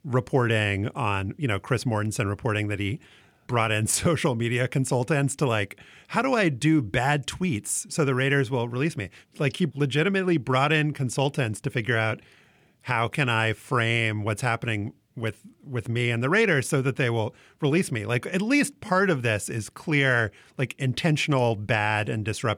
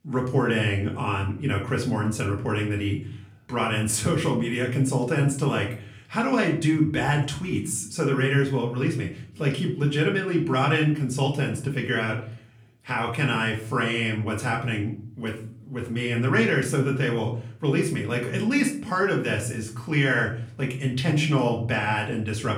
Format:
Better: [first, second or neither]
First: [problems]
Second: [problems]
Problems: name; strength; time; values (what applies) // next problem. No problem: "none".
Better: first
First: none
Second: room echo; slight; dies away in 0.5 s // off-mic speech; far